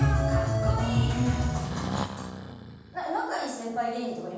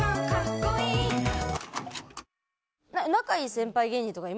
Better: second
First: background sound (Breathing); 11 dB below the speech // room echo; dies away in 1.2 s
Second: none

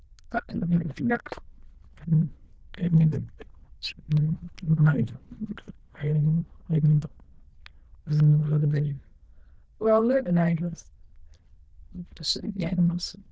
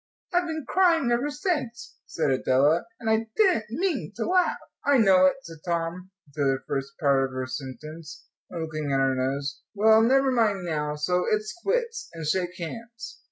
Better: second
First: noise reduction (neural diffusion model UNIVERSE++)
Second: none

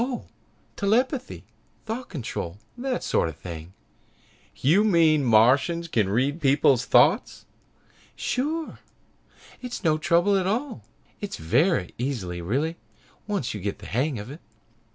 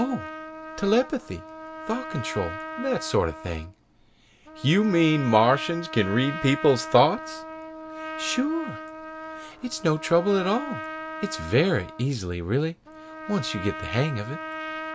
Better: first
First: none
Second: background sound (Trumpet); 11 dB below the speech

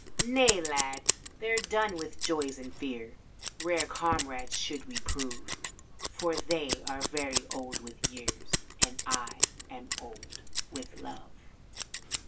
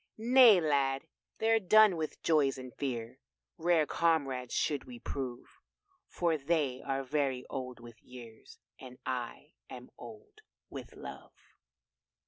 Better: second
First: background sound (Scissors); as loud as the speech // room echo; dies away in 0.2 s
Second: none

